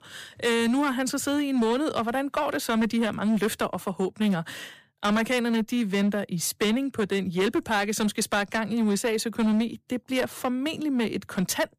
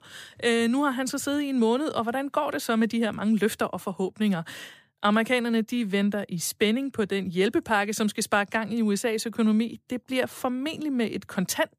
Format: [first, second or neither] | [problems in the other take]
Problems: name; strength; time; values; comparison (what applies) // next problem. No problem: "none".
second | distortion; slight; 11% of the sound clipped